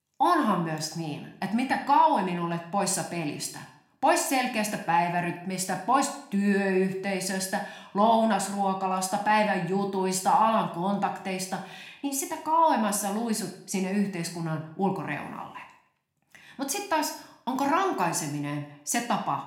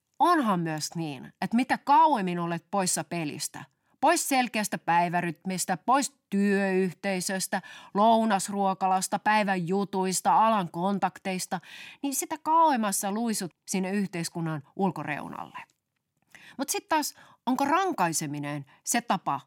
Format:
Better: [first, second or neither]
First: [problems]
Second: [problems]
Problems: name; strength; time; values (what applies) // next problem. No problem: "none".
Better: second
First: room echo; slight; dies away in 0.5 s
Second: none